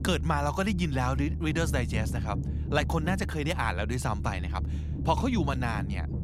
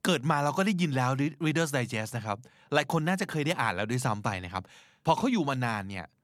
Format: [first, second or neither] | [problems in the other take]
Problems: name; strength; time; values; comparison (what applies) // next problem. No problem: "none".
second | low rumble; noticeable; throughout; 15 dB below the speech